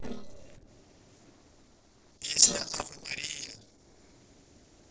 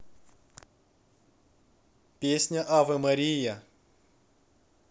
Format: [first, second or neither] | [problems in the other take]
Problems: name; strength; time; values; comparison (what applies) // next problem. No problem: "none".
second | noise reduction (neural separator model SepFormer DNS4)